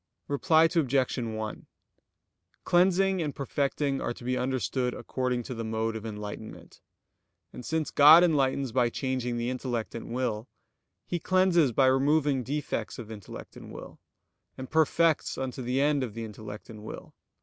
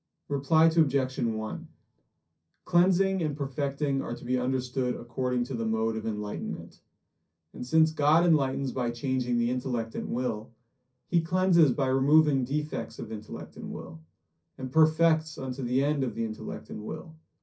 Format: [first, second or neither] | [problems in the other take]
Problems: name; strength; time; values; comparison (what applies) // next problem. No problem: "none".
first | room echo; dies away in 0.3 s